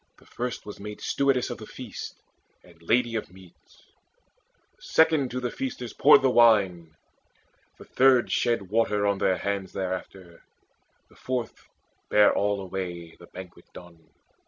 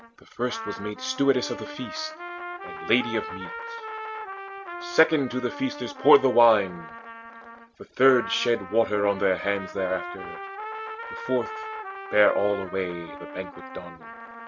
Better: first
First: none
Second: background sound (Trumpet); 11 dB below the speech

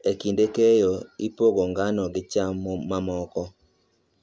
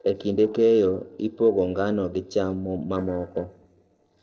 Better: first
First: none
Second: noise reduction (neural separator model SepFormer DNS4)

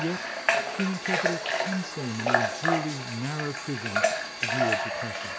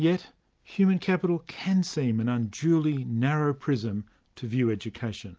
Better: second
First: background sound (Water tap, faucet / Water); 5 dB above the speech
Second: none

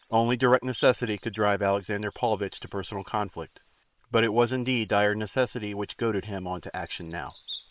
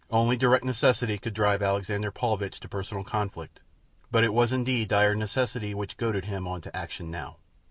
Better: second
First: noise reduction (neural separator model SepFormer WHAM!)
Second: none

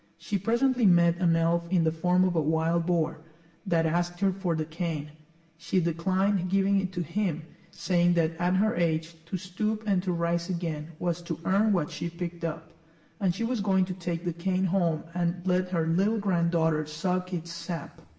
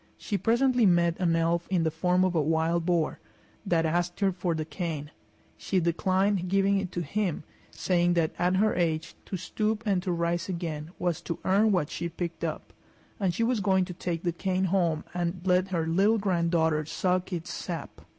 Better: second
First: room echo; dies away in 0.9 s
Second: none

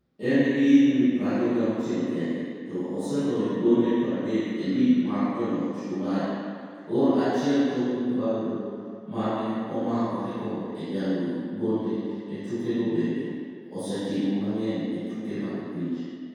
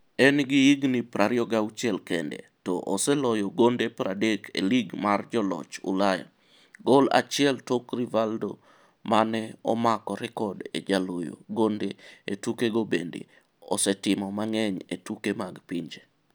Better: second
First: room echo; dies away in 2 s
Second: none

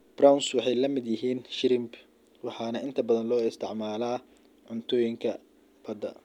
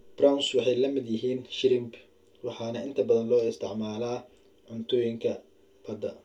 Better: first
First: none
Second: room echo; dies away in 0.2 s

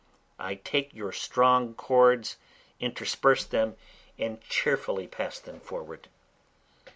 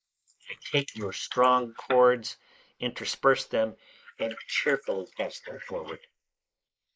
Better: first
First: none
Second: noise reduction (neural mask model Resemble Enhance denoiser)

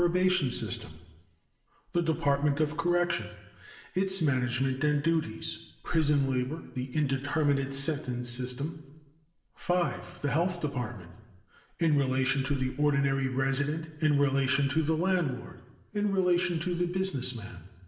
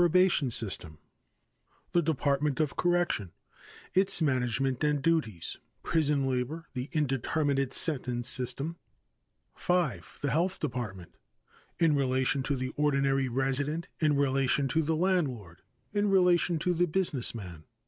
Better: second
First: room echo; dies away in 1 s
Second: none

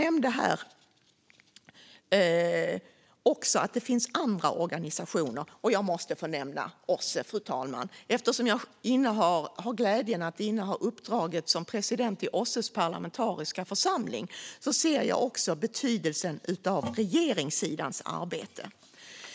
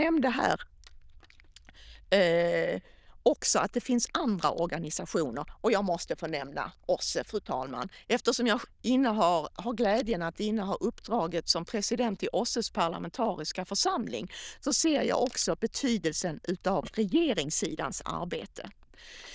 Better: first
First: none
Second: noise reduction (neural diffusion model UNIVERSE++)

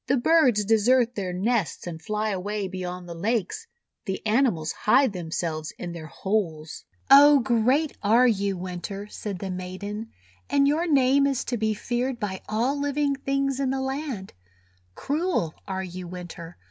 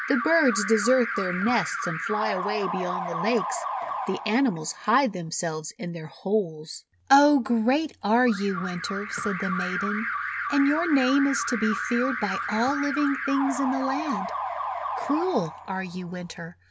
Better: first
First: none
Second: background sound (Alarm); 6 dB below the speech

